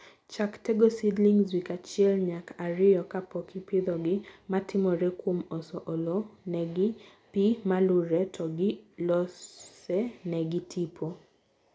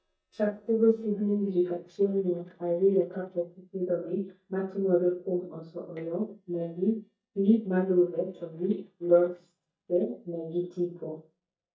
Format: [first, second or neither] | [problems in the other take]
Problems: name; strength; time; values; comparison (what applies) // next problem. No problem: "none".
first | noise reduction (neural mask model DeepFilterNet 3)